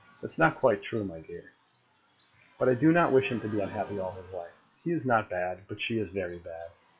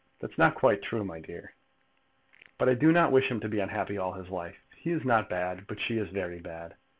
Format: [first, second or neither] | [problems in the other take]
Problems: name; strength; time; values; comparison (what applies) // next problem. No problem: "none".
second | noise reduction (classical method log-MMSE)